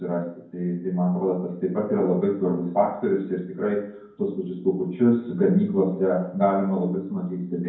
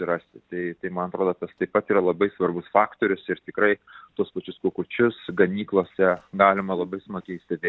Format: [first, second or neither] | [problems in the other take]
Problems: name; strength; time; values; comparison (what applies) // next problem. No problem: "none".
second | room echo; dies away in 0.9 s